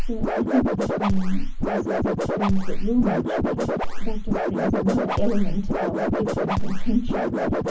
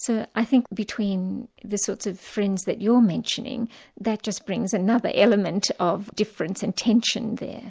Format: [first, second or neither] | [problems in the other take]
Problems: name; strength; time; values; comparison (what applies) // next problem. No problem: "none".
second | background sound (Scratching (performance technique)); 5 dB above the speech // room echo; dies away in 0.3 s